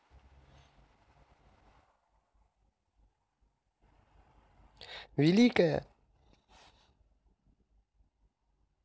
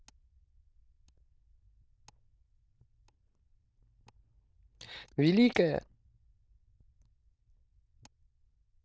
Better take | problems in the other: first | noise reduction (neural diffusion model UNIVERSE++)

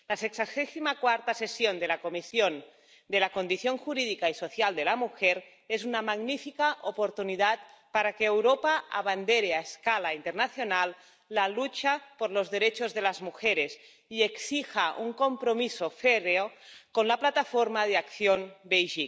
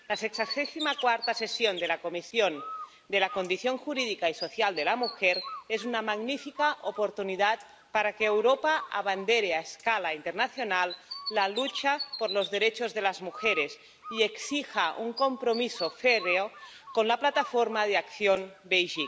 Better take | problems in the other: first | background sound (Bird); 14 dB below the speech

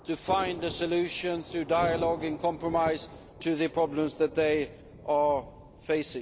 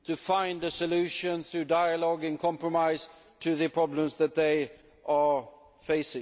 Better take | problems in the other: second | background sound (Thunder); 13 dB below the speech

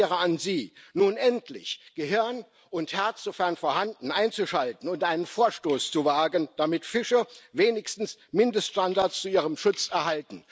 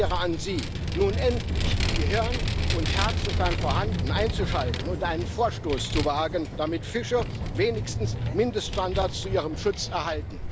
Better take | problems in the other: first | background sound (Vehicle); 1 dB above the speech

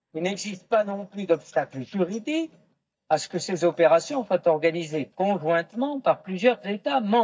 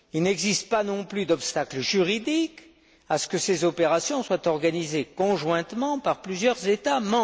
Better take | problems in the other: second | noise reduction (neural mask model DeepFilterNet 3)

